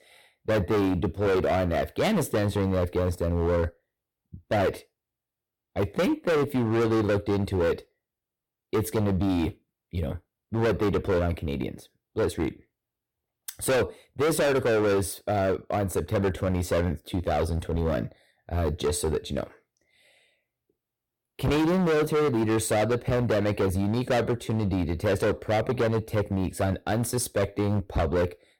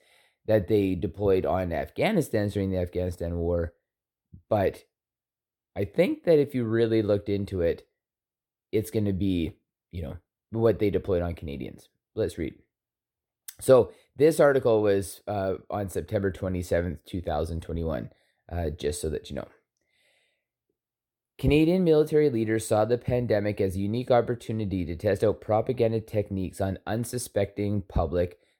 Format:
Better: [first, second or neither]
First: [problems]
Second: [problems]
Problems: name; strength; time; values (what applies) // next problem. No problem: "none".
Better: second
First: distortion; heavy; 17% of the sound clipped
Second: none